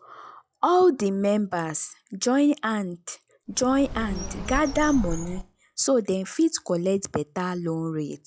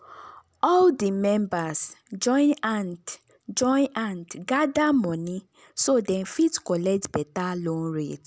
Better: second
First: noise reduction (classical method log-MMSE)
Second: none

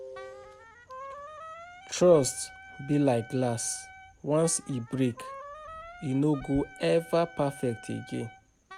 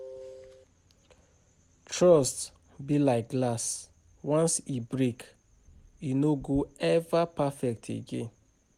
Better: second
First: background sound (Wind instrument, woodwind instrument); 18 dB below the speech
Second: none

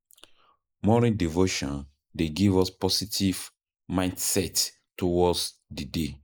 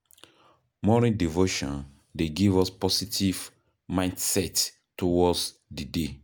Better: second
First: noise reduction (neural mask model Resemble Enhance denoiser)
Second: none

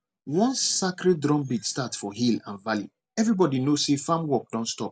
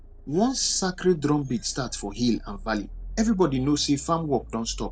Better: first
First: none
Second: background sound (Accelerating, revving, vroom); 15 dB below the speech

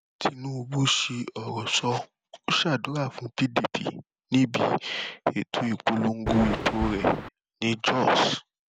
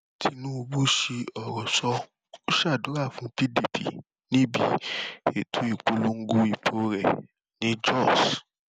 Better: second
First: background sound (Thunder); 4 dB below the speech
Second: none

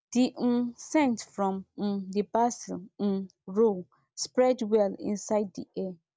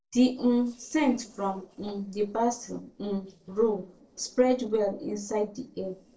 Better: first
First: none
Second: noise reduction (neural separator model SepFormer DNS4)

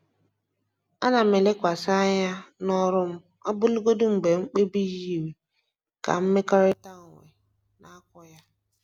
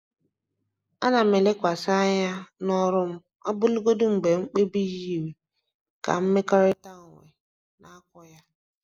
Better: first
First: none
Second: noise reduction (neural mask model Resemble Enhance denoiser)

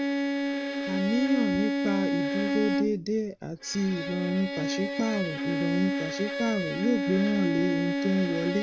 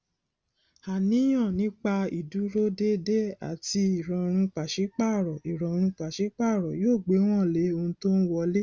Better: second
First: background sound (Bowed string instrument); 1 dB below the speech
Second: none

